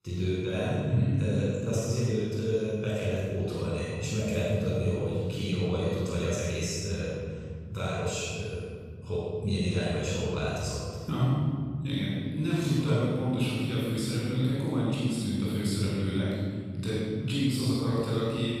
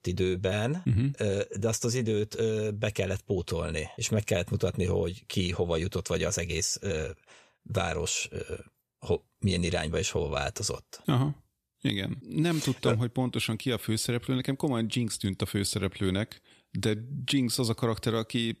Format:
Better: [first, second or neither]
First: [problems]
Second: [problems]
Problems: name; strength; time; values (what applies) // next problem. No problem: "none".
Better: second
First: off-mic speech; far // room echo; strong; dies away in 2.6 s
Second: none